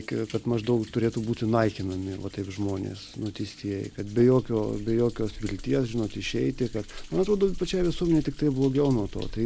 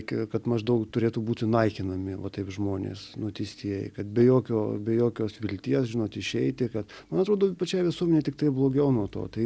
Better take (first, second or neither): second